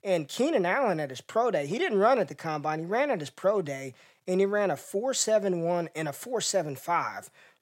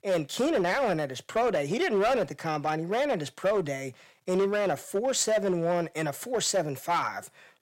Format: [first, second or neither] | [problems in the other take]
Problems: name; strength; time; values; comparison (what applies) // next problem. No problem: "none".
first | distortion; slight; 10% of the sound clipped